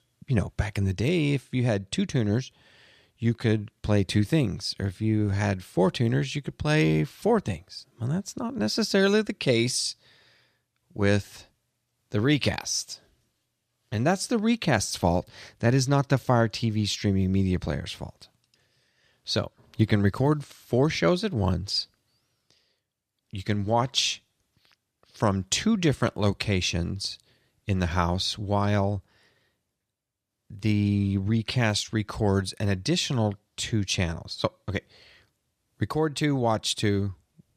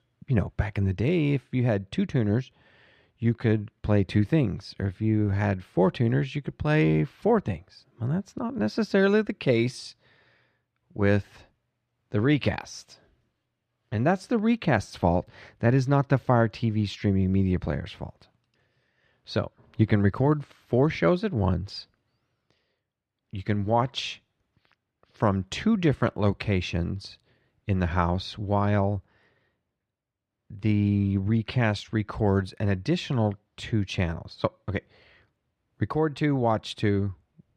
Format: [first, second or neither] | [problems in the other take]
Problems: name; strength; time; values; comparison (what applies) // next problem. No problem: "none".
first | muffled; slightly; fading above 4 kHz